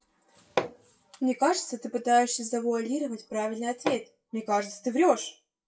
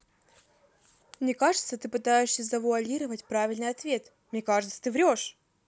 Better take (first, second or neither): second